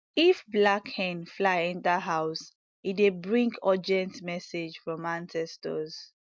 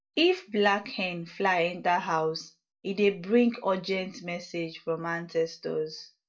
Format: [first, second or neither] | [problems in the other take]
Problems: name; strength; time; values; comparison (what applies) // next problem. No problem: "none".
first | room echo; dies away in 0.2 s